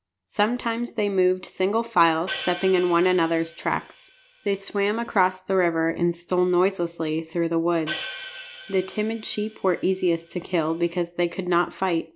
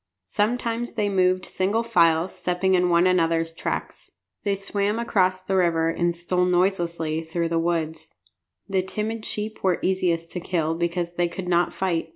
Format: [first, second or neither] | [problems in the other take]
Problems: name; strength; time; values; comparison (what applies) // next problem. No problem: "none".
second | background sound (Hi-hat); 15 dB below the speech